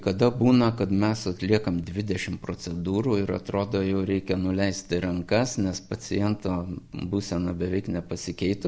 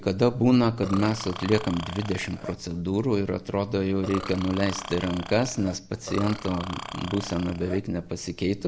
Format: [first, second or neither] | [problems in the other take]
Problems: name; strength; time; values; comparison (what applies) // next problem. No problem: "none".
first | background sound (Burping, eructation); 12 dB below the speech